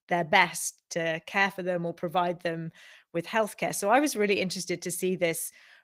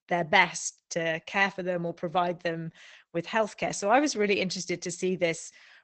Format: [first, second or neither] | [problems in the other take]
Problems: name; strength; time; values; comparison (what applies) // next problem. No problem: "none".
first | garbled, watery; badly; nothing above 8 kHz; slightly in the first